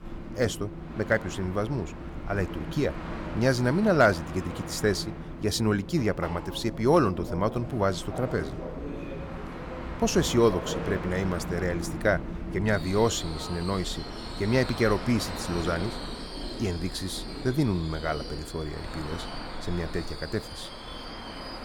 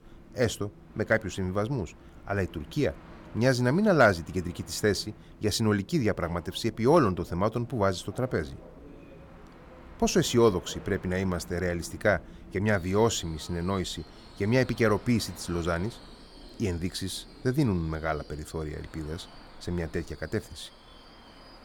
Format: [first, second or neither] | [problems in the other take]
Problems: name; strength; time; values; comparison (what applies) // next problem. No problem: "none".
second | train or aircraft noise; loud; throughout; 9 dB below the speech; faint in the second